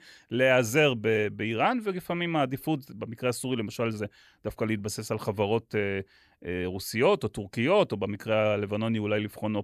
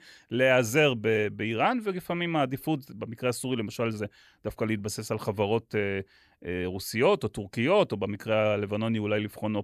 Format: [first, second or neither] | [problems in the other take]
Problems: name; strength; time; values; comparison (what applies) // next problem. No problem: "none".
neither | none